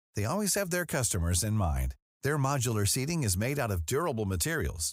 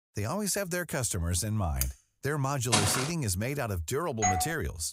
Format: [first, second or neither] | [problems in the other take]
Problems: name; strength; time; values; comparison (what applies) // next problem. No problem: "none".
first | clattering dishes; very faint; at 2 s; peak 5 dB below the speech // footsteps; loud; at 2.5 s; peak 5 dB above the speech // doorbell; loud; at 4 s; peak 2 dB above the speech